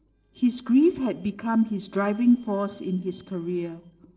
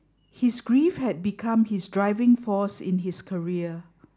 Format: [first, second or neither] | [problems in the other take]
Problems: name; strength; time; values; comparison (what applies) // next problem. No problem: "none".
second | noise reduction (neural separator model SepFormer DNS4)